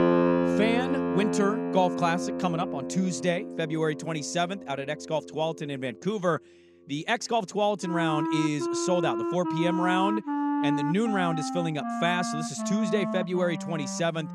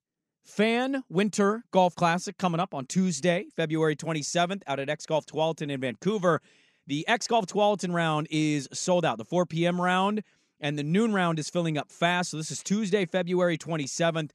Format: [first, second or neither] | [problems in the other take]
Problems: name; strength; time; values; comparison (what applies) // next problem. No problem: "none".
second | background music; loud; throughout; 1 dB below the speech